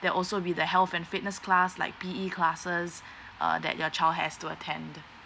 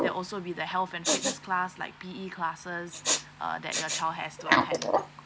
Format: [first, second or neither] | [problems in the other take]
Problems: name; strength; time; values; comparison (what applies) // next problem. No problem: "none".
first | background sound (Respiratory sounds); 3 dB above the speech